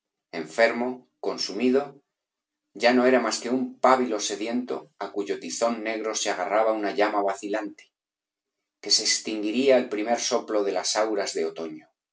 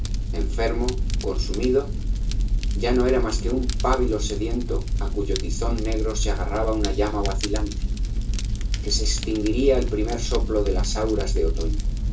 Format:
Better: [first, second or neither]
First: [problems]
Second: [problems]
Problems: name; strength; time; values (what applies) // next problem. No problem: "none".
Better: first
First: none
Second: background sound (Fire); 3 dB above the speech // room echo; dies away in 0.2 s